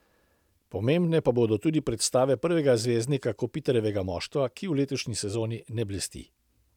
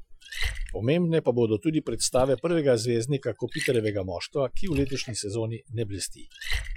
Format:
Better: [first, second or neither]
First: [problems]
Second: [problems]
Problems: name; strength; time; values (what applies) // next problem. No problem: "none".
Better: first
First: none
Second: noise reduction (classical method Wiener filter)